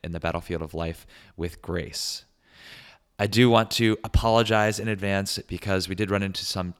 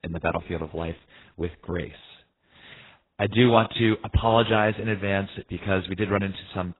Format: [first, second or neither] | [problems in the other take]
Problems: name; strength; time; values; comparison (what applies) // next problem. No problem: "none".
first | garbled, watery; badly; nothing above 4 kHz